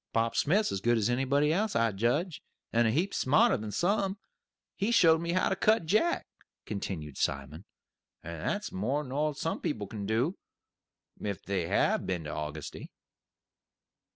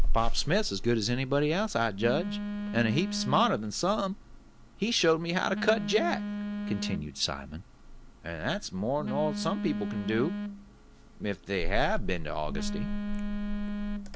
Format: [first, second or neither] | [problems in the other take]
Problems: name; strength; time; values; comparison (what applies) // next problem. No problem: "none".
first | background sound (Telephone); 2 dB below the speech